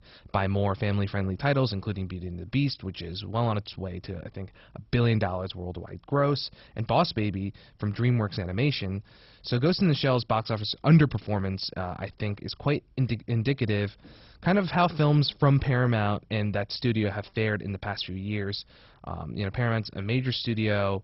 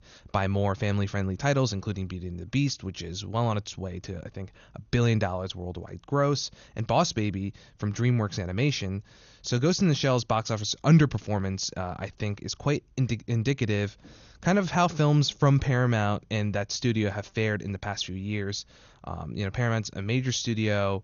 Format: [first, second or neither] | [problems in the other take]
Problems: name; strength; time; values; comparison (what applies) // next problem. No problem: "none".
second | garbled, watery; badly; nothing above 5.5 kHz; slightly in the second